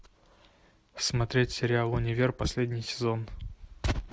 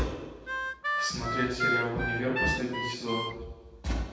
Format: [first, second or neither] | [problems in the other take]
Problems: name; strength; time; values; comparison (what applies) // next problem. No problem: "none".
first | background sound (Harmonica); as loud as the speech // room echo; dies away in 1.1 s